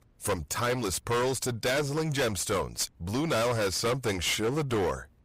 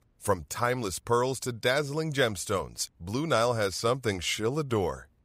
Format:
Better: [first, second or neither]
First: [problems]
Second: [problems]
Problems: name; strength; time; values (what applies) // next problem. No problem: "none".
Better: second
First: distortion; heavy; 21% of the sound clipped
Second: none